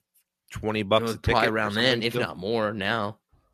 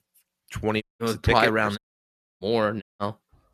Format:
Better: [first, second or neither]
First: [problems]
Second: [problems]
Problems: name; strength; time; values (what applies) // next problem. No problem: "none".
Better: first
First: none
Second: audio cutting out; at 1 s, at 2 s for 0.5 s and at 3 s